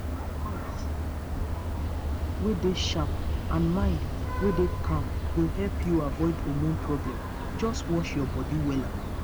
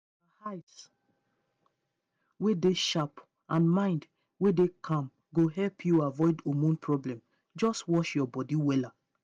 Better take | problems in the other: second | background sound (Vehicle horn, car horn, honking); 1 dB above the speech

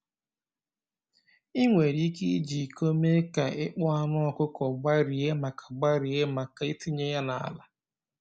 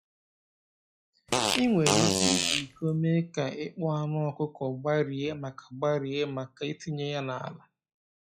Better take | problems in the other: first | noise reduction (classical method log-MMSE)

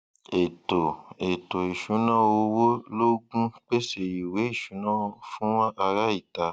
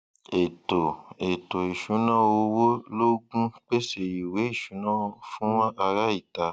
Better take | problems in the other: first | background sound (Brass instrument); 15 dB below the speech

